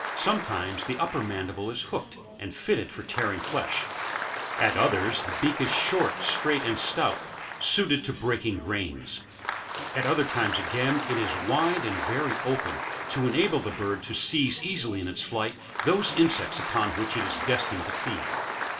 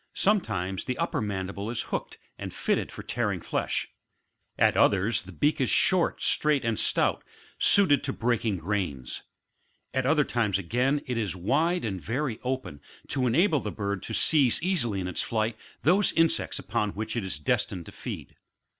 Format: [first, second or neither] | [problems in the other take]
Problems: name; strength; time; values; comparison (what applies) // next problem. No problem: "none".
second | background sound (Applause); 5 dB below the speech // room echo; dies away in 2.4 s